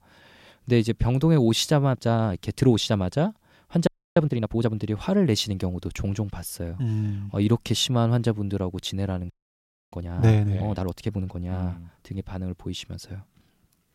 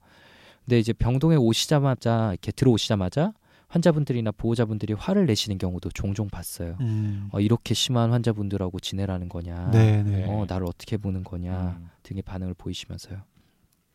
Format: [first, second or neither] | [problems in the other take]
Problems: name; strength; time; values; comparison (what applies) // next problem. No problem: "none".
second | audio freezing; at 4 s and at 9.5 s for 0.5 s